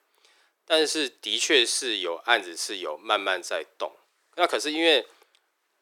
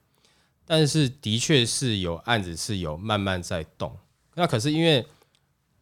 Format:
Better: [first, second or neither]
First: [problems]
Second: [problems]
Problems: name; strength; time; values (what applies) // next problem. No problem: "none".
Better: second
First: thin; very; fading below 350 Hz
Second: none